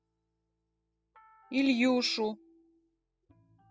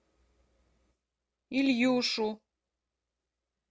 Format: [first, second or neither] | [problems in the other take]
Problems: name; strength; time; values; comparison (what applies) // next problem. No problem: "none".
second | noise reduction (classical method spectral subtraction)